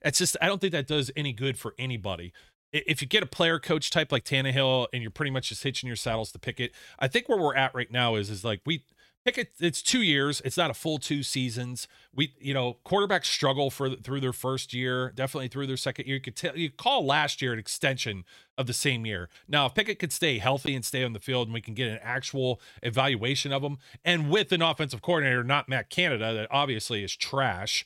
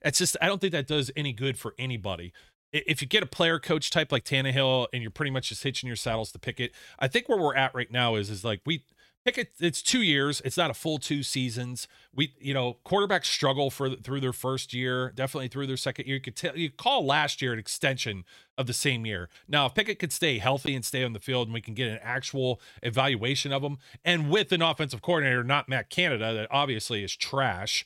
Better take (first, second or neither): neither